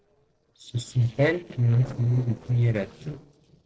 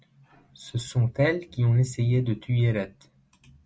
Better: second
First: noise reduction (neural separator model SepFormer DNS4)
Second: none

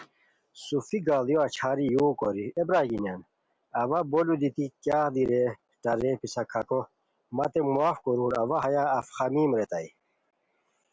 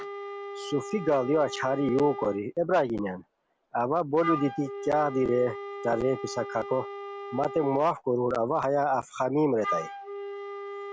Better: first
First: none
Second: background sound (Wind instrument, woodwind instrument); 10 dB below the speech

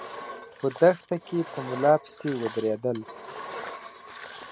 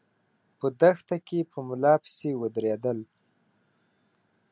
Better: second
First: background sound (Engine); 13 dB below the speech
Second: none

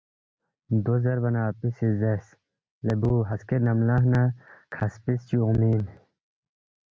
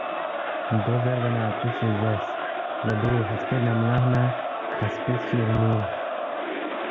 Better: first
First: none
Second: background sound (Crowd); 3 dB below the speech

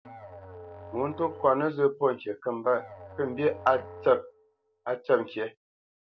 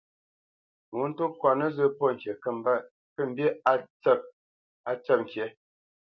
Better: second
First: background sound (Musical instrument); 18 dB below the speech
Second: none

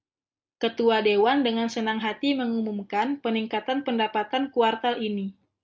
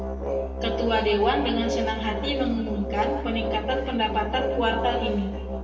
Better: first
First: none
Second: background sound (Musical instrument); 3 dB below the speech // room echo; dies away in 1.2 s

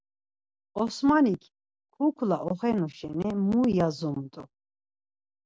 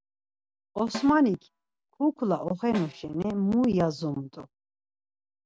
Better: first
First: none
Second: background sound (Snare drum); 15 dB below the speech

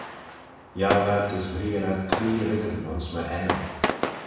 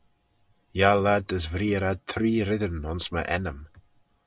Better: second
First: background sound (Fireworks); 4 dB below the speech // room echo; dies away in 1.1 s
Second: none

